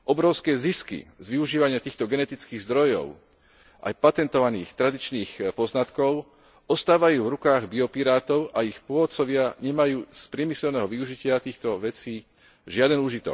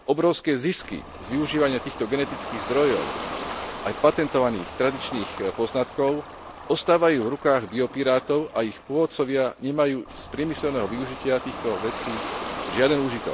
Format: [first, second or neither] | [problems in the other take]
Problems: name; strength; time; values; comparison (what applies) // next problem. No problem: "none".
first | background sound (Ocean); 11 dB below the speech